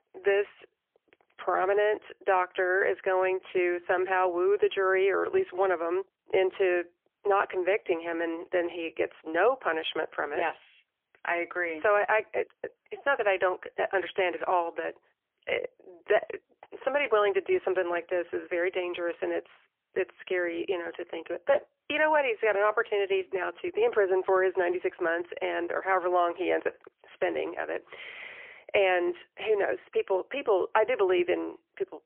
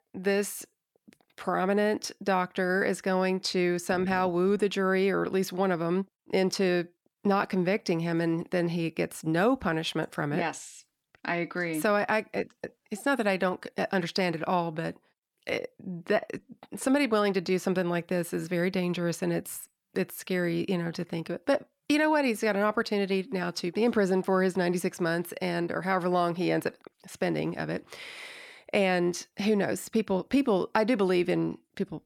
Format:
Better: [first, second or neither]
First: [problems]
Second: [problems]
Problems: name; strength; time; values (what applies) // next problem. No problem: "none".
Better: second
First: phone-call audio; poor line; nothing above 3.5 kHz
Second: none